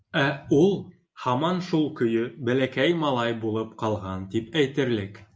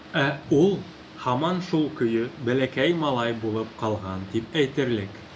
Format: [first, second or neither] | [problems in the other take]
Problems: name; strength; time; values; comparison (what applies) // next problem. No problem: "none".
first | background sound (Boat, Water vehicle); 19 dB below the speech